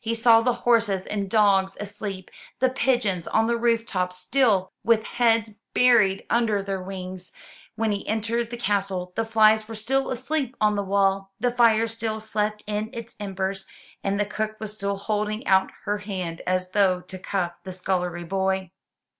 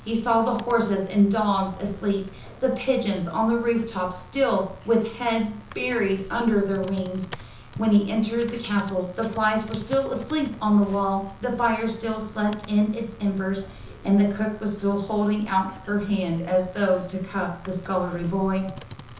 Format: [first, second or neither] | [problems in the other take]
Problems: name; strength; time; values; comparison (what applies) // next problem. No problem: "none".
first | background sound (Computer keyboard); 18 dB below the speech // room echo; dies away in 0.6 s